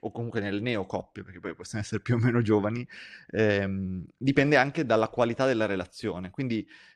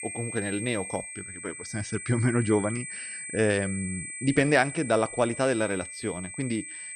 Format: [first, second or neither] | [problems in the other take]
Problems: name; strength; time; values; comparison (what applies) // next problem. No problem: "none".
first | high-pitched whine; loud; throughout; 8 kHz, 8 dB below the speech